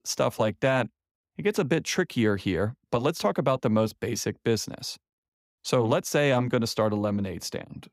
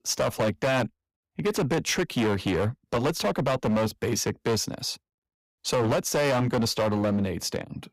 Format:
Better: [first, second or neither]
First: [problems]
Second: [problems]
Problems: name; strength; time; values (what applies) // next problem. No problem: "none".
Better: first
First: none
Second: distortion; heavy; 14% of the sound clipped